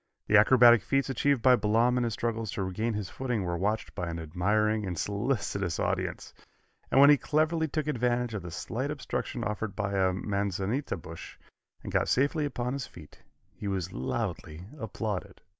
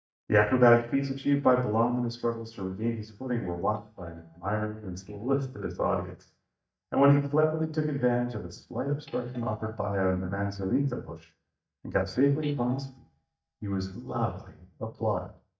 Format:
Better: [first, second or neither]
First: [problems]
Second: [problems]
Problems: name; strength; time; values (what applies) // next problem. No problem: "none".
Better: first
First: none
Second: noise reduction (neural mask model DeepFilterNet 3)